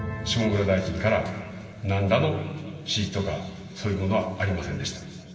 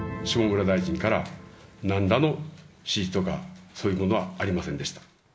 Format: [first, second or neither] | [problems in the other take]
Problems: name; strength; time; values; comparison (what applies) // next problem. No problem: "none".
second | room echo; dies away in 2.6 s